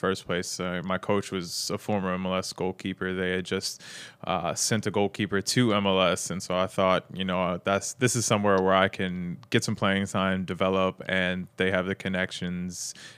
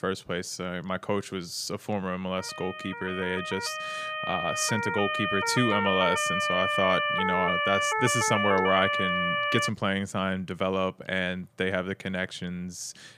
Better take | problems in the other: first | siren; loud; from 2.5 to 9.5 s; peak 4 dB above the speech

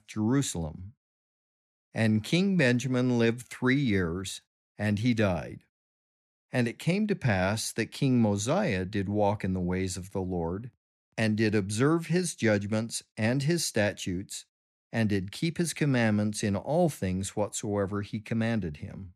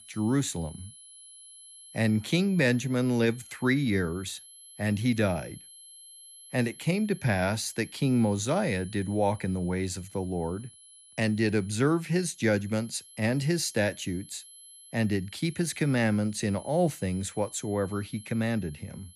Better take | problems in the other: first | high-pitched whine; noticeable; throughout; 11 kHz, 20 dB below the speech

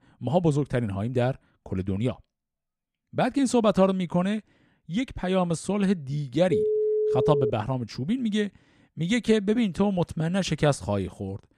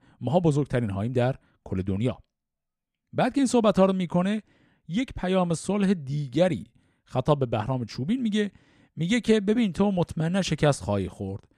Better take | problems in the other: second | phone ringing; loud; at 6.5 s; peak 2 dB above the speech

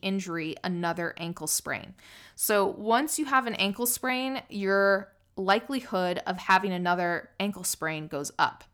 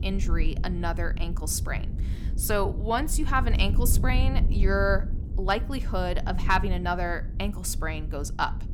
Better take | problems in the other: first | low rumble; noticeable; throughout; 15 dB below the speech

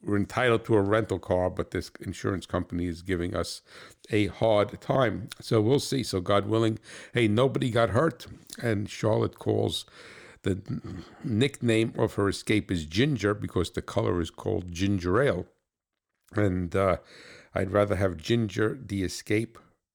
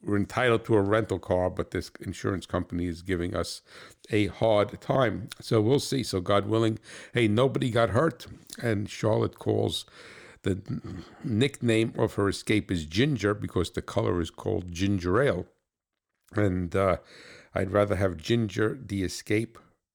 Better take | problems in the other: neither | none

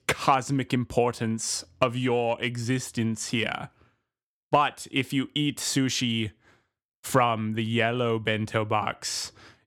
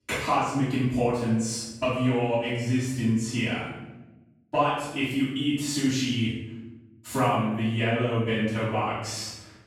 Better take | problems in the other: first | off-mic speech; far // room echo; strong; dies away in 0.9 s

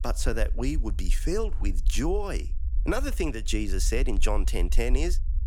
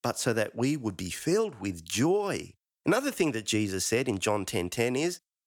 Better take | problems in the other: second | low rumble; faint; throughout; 20 dB below the speech

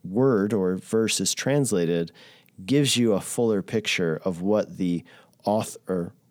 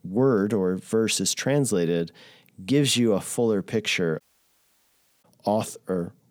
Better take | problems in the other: first | audio cutting out; at 4 s for 1 s

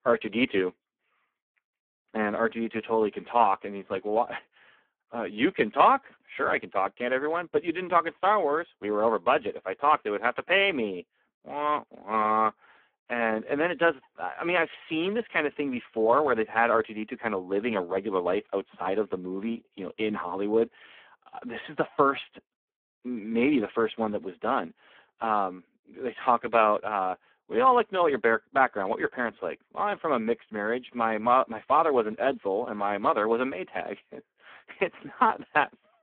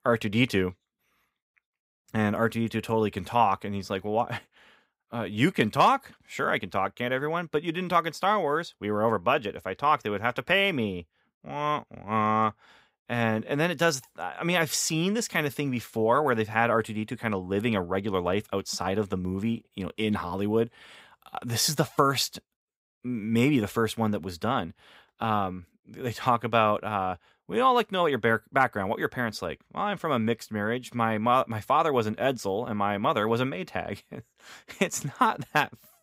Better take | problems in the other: second | phone-call audio; poor line

